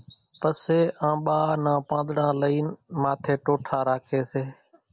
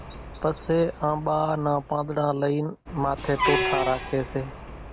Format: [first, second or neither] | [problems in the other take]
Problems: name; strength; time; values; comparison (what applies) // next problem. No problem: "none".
first | background sound (Truck); 6 dB below the speech